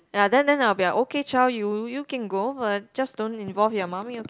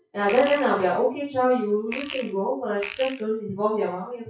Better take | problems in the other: first | noise reduction (classical method WPE with log-MMSE)

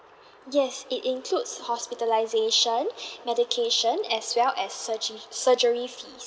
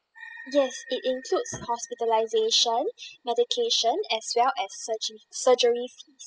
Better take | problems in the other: first | noise reduction (classical method spectral subtraction)

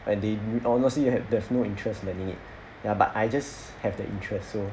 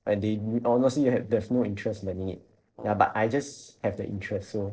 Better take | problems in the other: first | noise reduction (neural separator model SepFormer DNS4)

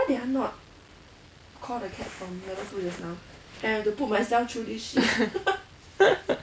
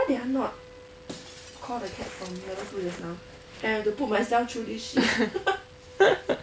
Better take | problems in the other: first | background sound (Wind instrument, woodwind instrument + Shatter); 19 dB below the speech

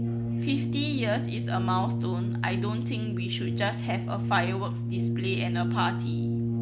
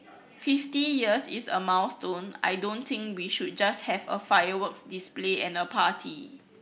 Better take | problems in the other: second | background sound (Brass instrument); 4 dB above the speech

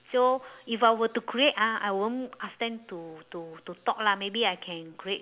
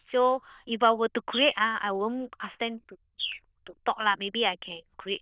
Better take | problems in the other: first | noise reduction (neural diffusion model UNIVERSE++)

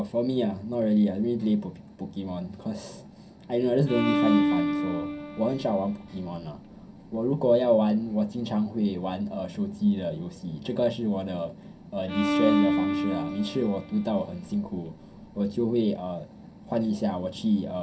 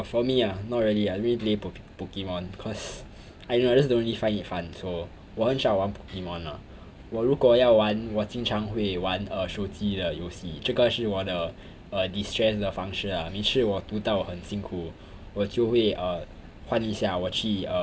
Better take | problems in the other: second | background sound (Bowed string instrument); 2 dB below the speech // room echo; dies away in 0.3 s

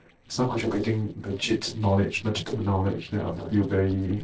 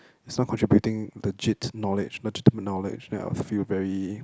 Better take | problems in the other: second | noise reduction (neural separator model SepFormer DNS4)

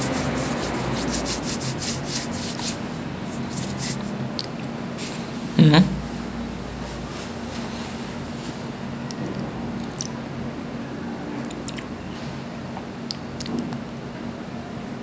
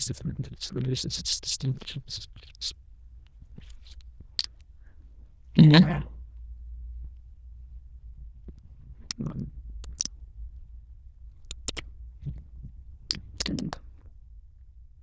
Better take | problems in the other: first | noise reduction (neural diffusion model UNIVERSE++)

